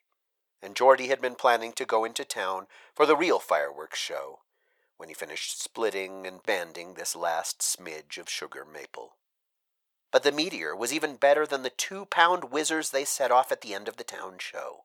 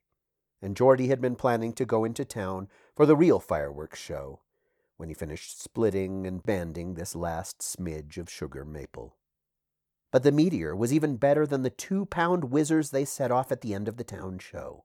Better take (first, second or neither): second